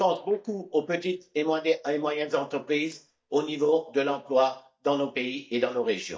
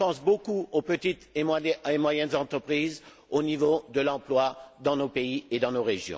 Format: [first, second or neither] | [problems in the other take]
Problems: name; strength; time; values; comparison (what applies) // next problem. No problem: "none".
second | noise reduction (neural mask model DeepFilterNet 3)